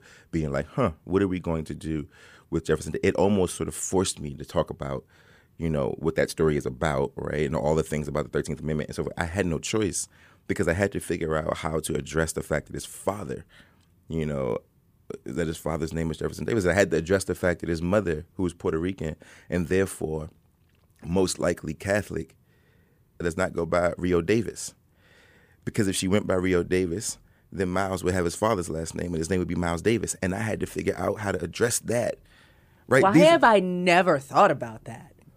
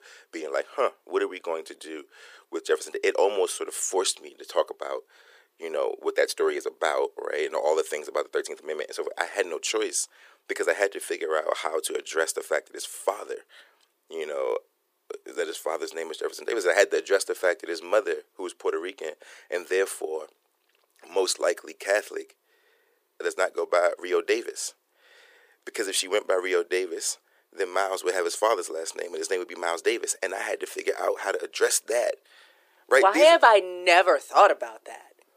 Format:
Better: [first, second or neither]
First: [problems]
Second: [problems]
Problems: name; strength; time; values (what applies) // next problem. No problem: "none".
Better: first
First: none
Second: thin; very; fading below 400 Hz